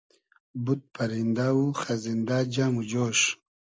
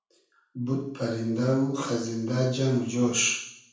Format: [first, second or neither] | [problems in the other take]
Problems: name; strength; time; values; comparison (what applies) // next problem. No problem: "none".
first | room echo; dies away in 0.6 s